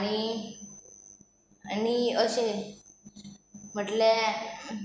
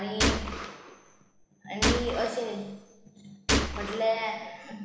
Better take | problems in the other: first | background sound (Gunshot, gunfire); 3 dB above the speech // room echo; dies away in 1.1 s

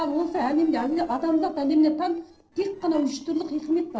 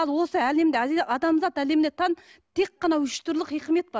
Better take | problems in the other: second | noise reduction (neural separator model SepFormer DNS4)

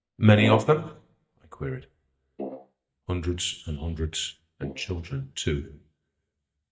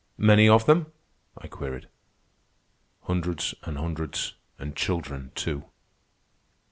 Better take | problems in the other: second | noise reduction (neural mask model DeepFilterNet 3)

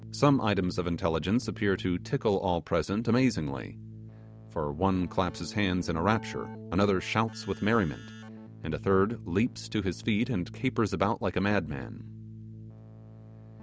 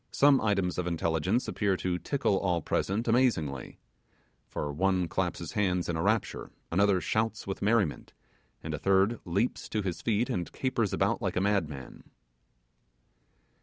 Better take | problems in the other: second | background sound (Keyboard (musical)); 15 dB below the speech

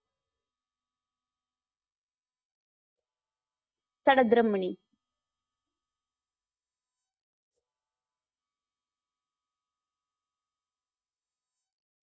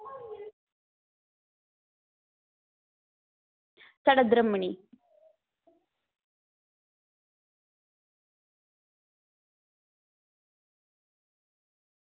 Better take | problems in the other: second | noise reduction (neural mask model DeepFilterNet 3)

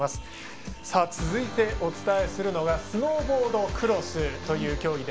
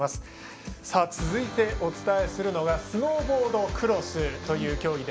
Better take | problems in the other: second | background sound (Alarm); 17 dB below the speech

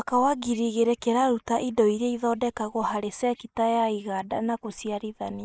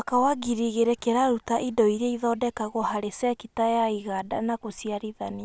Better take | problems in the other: second | noise reduction (neural mask model Resemble Enhance denoiser)

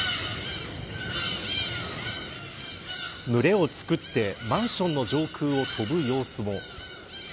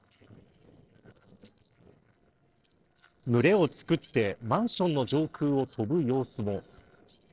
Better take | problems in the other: first | noise reduction (neural separator model SepFormer DNS4)

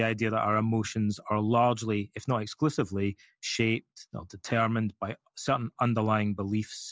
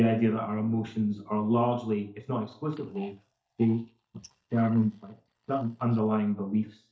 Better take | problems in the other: first | noise reduction (neural mask model DeepFilterNet 3)

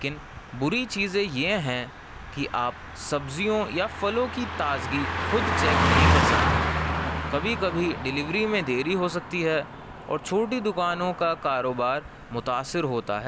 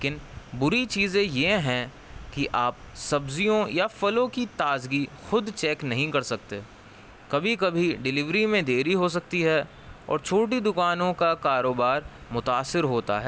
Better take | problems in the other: second | background sound (Car passing by); 1 dB below the speech

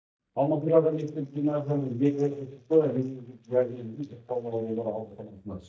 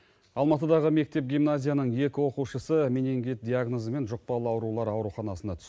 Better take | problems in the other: second | noise reduction (neural mask model DeepFilterNet 3)

